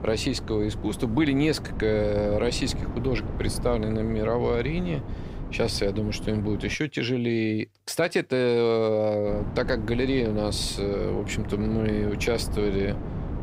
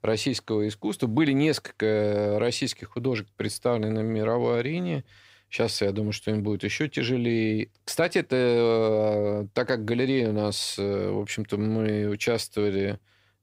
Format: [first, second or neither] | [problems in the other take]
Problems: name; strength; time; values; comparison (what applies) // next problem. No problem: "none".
second | wind noise on the microphone; occasional gusts; until 6.5 s and from 9.5 s on; 15 dB below the speech